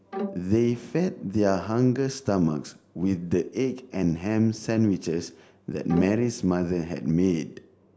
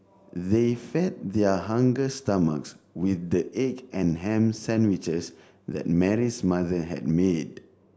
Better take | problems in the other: second | background sound (Bowed string instrument); 10 dB below the speech

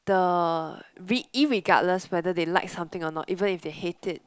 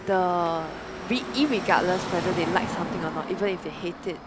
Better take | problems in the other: first | background sound (Car passing by / Traffic noise, roadway noise); 6 dB below the speech

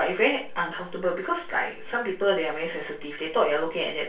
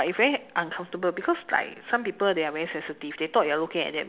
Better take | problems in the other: second | room echo; dies away in 0.2 s

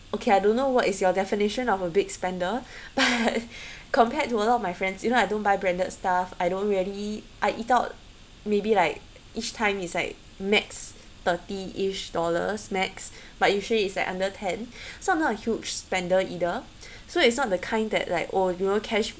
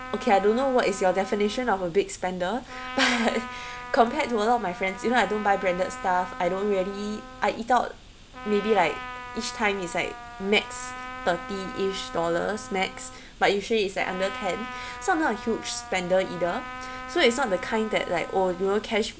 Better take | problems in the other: first | background sound (Trumpet); 13 dB below the speech

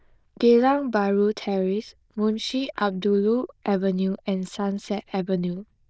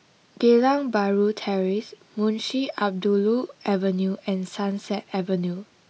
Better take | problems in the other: second | noise reduction (neural diffusion model UNIVERSE++)

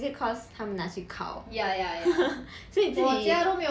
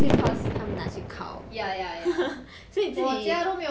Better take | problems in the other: first | background sound (Fireworks); 1 dB above the speech

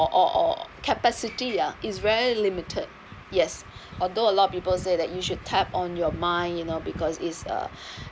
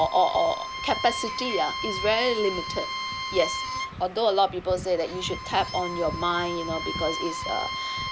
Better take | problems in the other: first | background sound (Bowed string instrument); 6 dB below the speech

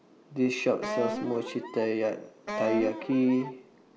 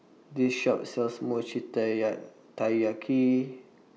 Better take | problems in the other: second | background sound (Wind instrument, woodwind instrument); 7 dB below the speech

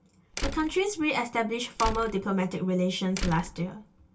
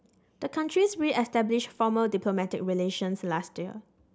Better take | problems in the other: second | background sound (Slam); 8 dB below the speech // room echo; dies away in 0.1 s

